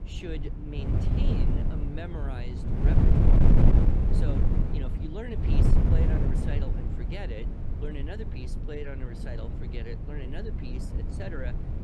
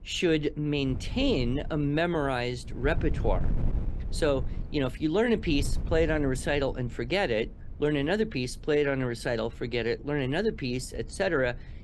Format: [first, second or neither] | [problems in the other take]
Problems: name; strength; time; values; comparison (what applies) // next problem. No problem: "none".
second | wind noise on the microphone; heavy; 4 dB above the speech; occasional gusts in the second